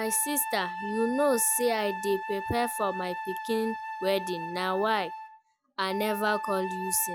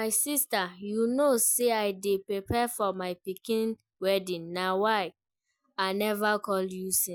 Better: second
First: background sound (Wind instrument, woodwind instrument); 7 dB below the speech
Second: none

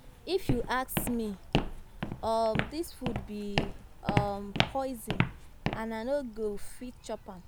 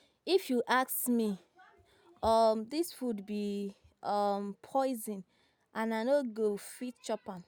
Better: second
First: background sound (Walk, footsteps); as loud as the speech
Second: none

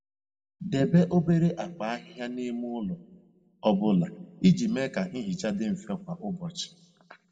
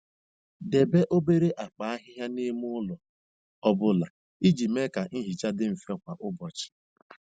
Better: second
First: room echo; dies away in 0.9 s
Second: none

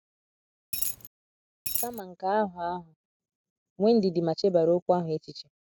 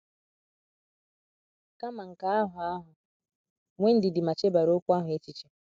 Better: second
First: background sound (Coin (dropping)); 2 dB below the speech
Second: none

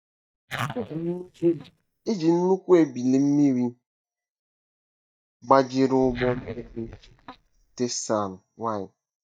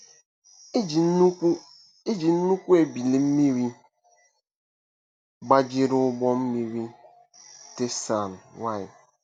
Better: second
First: noise reduction (neural mask model DeepFilterNet 3)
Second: none

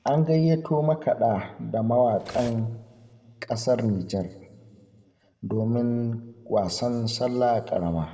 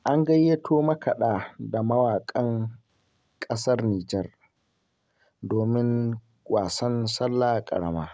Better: second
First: background sound (Cutlery, silverware); 18 dB below the speech // room echo; dies away in 0.9 s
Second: none

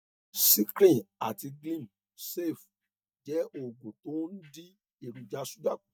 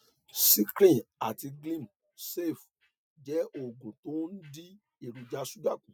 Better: second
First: noise reduction (neural mask model DeepFilterNet 3)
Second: none

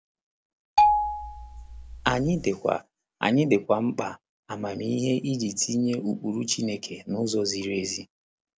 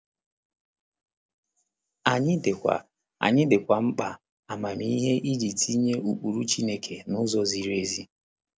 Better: second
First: background sound (Marimba, xylophone); 2 dB above the speech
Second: none

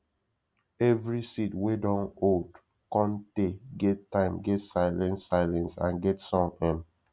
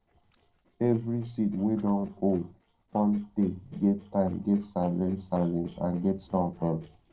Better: first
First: none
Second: noise reduction (neural separator model SepFormer DNS4)

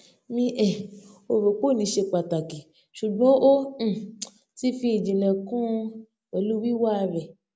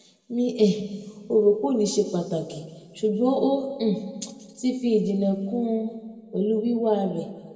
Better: first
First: none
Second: room echo; dies away in 1.7 s

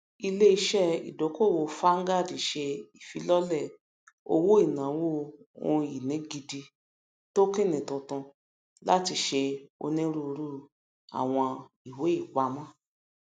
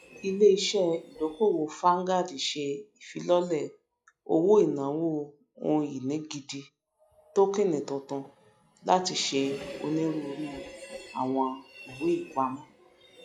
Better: first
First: none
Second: noise reduction (classical method log-MMSE)

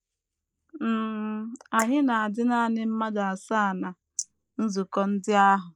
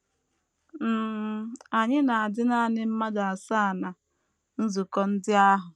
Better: second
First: noise reduction (neural mask model Resemble Enhance denoiser)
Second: none

